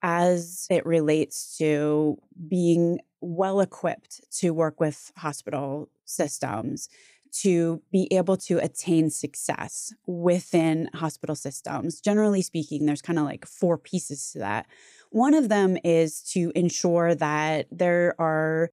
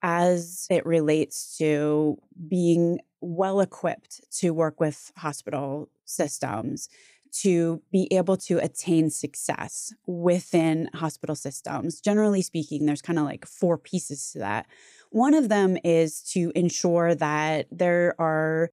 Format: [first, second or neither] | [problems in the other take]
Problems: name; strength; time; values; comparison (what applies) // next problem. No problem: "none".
neither | none